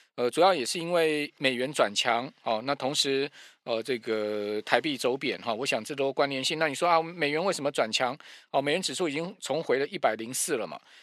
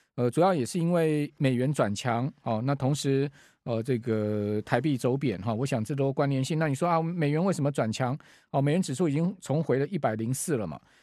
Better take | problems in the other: second | thin; somewhat; fading below 400 Hz

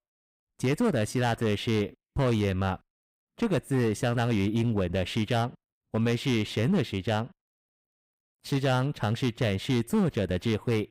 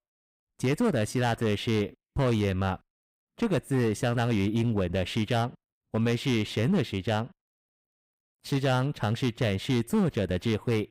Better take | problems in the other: neither | distortion; slight; 7% of the sound clipped; the same in both

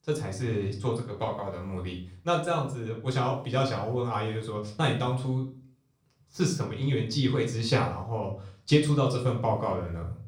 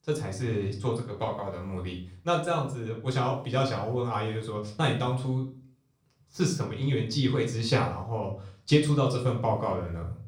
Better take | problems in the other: neither | room echo; slight; dies away in 0.4 s; the same in both // off-mic speech; far; the same in both

